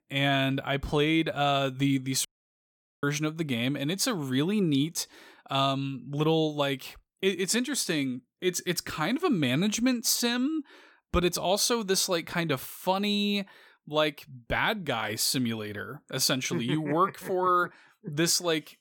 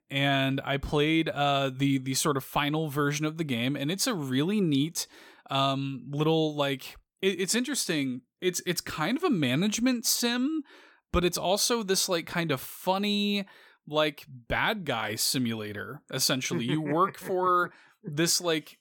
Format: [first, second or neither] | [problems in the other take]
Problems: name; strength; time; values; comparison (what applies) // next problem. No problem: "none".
second | audio cutting out; at 2.5 s for 1 s